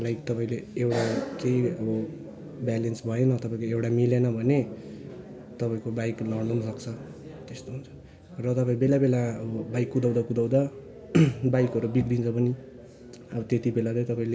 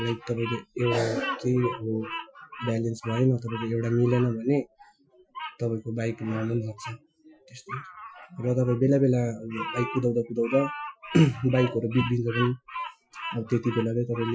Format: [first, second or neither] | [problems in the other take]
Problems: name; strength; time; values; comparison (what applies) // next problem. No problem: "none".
first | noise reduction (classical method Wiener filter)